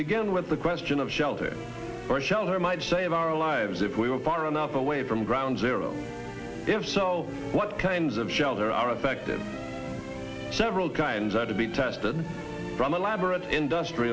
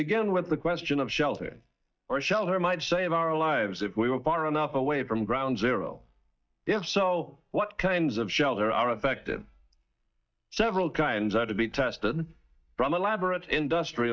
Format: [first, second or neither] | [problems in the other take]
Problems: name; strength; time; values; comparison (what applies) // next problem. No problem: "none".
first | noise reduction (neural mask model DeepFilterNet 3)